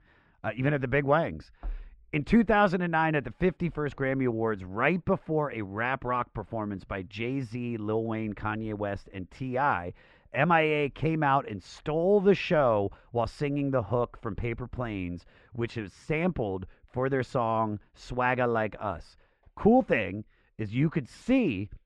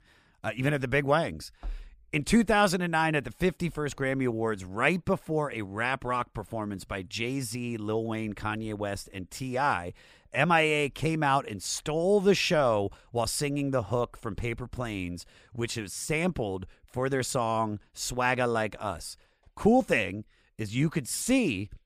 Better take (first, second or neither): second